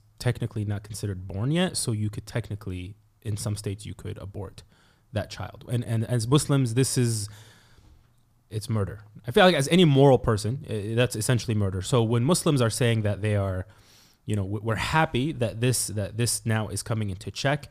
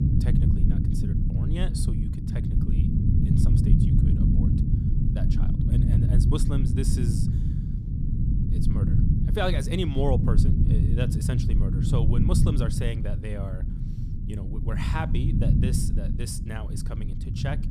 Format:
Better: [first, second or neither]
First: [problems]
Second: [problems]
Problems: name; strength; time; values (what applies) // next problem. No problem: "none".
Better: first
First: none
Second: low rumble; loud; throughout; 1 dB below the speech